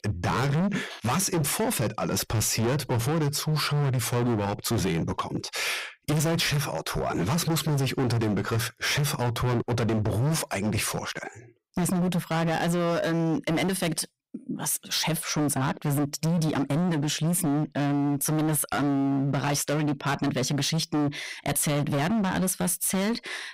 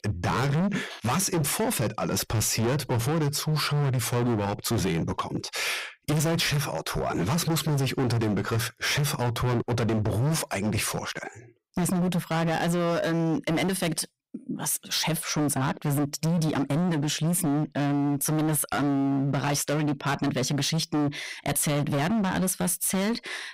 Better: neither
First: distortion; heavy; 27% of the sound clipped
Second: distortion; heavy; 27% of the sound clipped

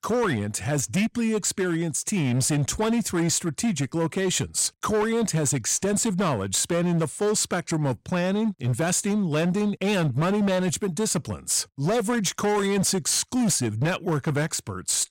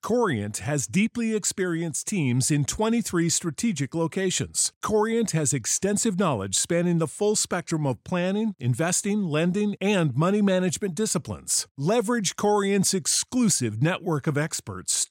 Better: second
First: distortion; slight; 17% of the sound clipped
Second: none

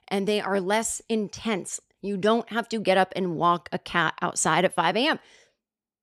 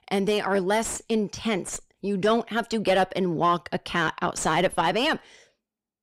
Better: first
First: none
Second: distortion; slight; 10 dB below the speech

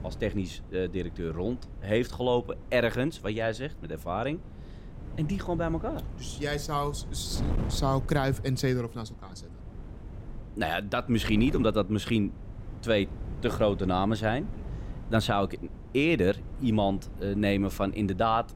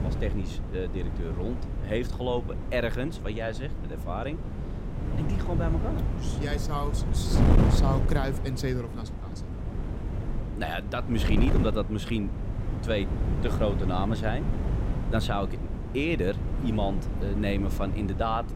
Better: first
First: wind noise on the microphone; occasional gusts; 20 dB below the speech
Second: wind noise on the microphone; heavy; 6 dB below the speech

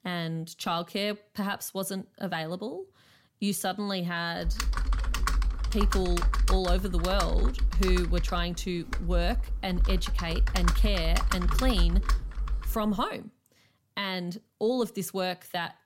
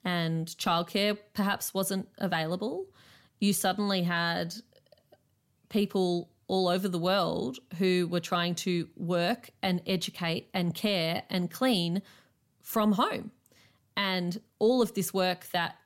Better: second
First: keyboard typing; loud; from 4.5 to 13 s; peak 5 dB above the speech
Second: none

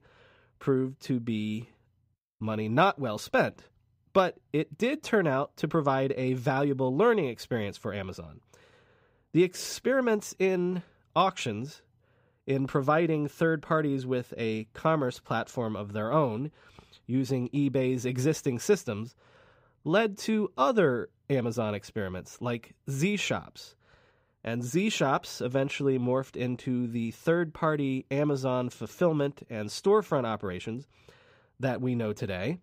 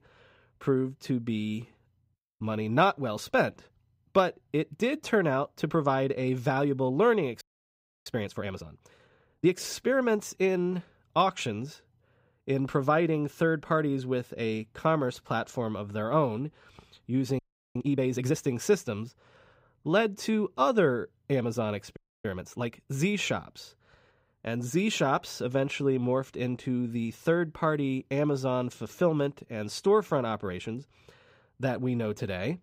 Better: first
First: none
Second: audio freezing; at 7.5 s for 0.5 s, at 17 s and at 22 s

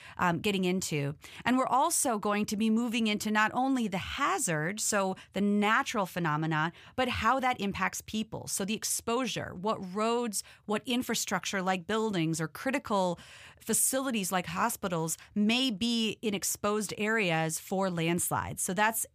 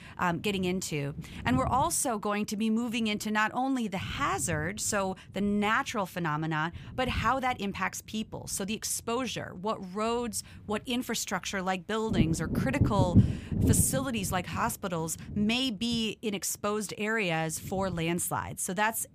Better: first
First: none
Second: wind noise on the microphone; occasional gusts; 10 dB below the speech

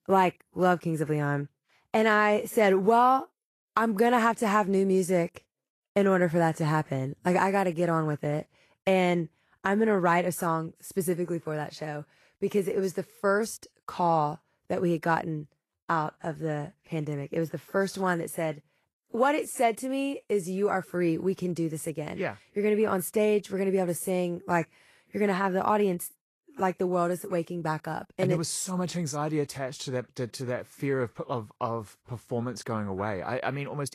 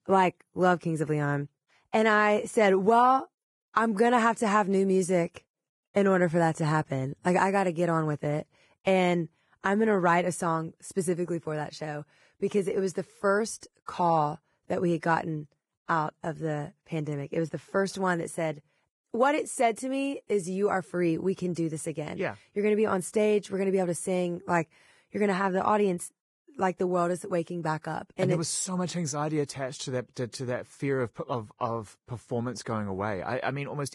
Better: first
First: garbled, watery; slightly; nothing above 12.5 kHz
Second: garbled, watery; badly; nothing above 10.5 kHz

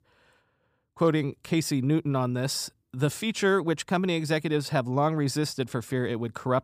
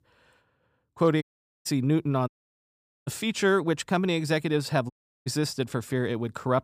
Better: first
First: none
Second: audio cutting out; at 1 s, at 2.5 s for 1 s and at 5 s

